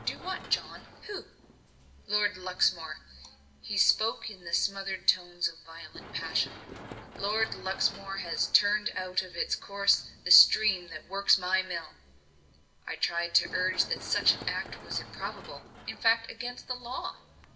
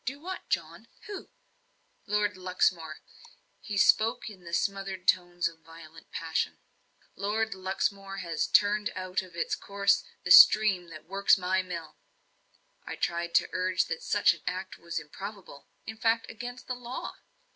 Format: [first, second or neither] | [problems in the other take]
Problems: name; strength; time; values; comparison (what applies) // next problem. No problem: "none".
second | background sound (Run); 18 dB below the speech // room echo; dies away in 0.7 s